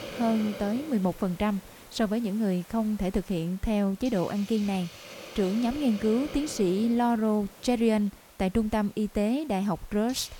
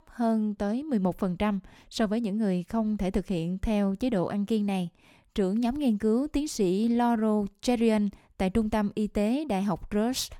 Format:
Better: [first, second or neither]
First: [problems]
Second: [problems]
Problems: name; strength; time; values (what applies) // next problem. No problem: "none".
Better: second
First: hiss; noticeable; throughout; 15 dB below the speech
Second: none